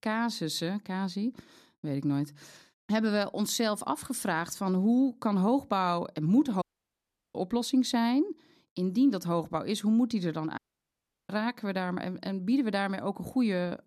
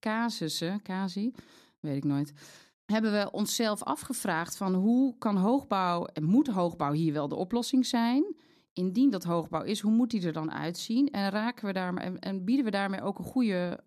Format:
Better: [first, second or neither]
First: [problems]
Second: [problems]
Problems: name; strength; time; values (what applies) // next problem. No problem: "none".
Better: second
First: audio cutting out; at 6.5 s for 0.5 s and at 11 s for 0.5 s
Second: none